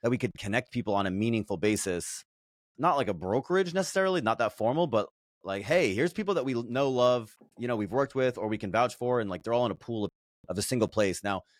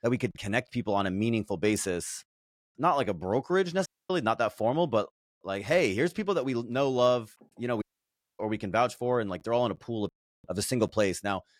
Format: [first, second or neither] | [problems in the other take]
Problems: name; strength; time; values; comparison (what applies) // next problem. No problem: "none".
first | audio cutting out; at 4 s and at 8 s for 0.5 s